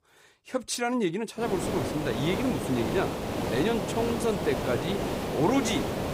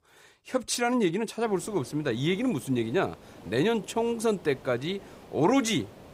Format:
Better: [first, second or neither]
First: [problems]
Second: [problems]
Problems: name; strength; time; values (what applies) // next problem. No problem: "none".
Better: second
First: hiss; loud; from 1.5 s on; 2 dB below the speech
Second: hiss; faint; from 1.5 s on; 20 dB below the speech